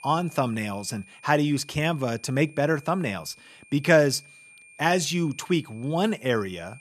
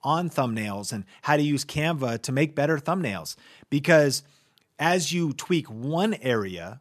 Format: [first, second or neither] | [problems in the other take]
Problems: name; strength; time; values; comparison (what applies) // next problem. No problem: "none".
second | high-pitched whine; faint; throughout; 2.5 kHz, 25 dB below the speech